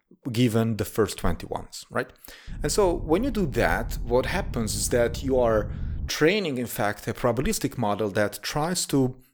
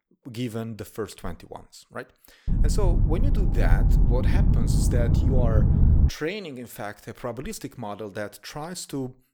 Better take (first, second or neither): first